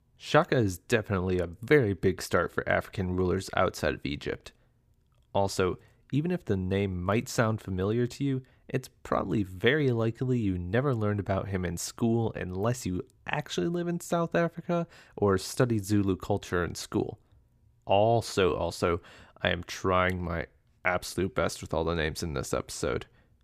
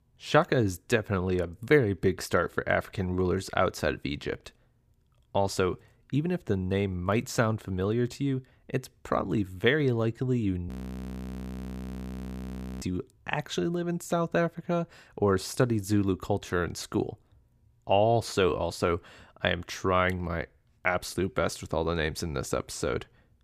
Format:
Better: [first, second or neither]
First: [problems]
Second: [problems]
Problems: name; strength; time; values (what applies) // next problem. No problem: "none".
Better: first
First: none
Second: audio freezing; at 11 s for 2 s